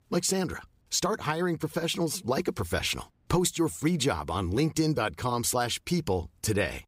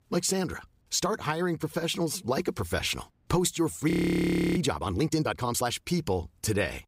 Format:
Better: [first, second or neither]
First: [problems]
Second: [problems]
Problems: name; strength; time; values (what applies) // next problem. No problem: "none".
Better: first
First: none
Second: audio freezing; at 4 s for 0.5 s